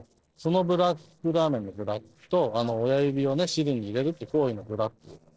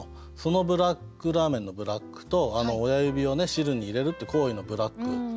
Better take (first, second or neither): second